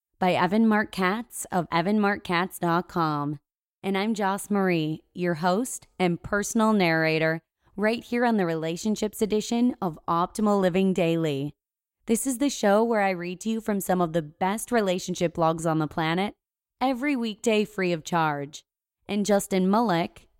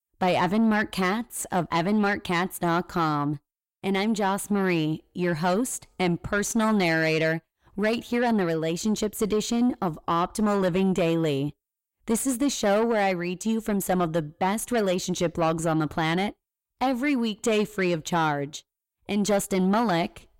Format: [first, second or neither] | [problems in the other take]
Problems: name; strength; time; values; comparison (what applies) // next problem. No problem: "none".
first | distortion; slight; 10 dB below the speech